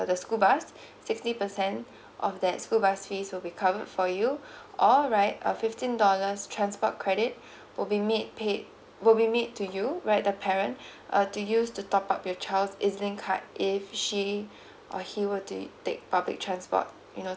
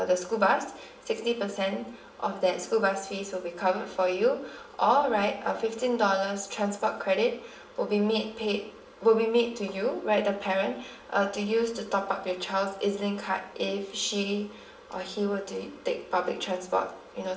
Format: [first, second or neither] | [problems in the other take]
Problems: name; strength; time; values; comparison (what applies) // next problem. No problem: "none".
first | room echo; dies away in 0.6 s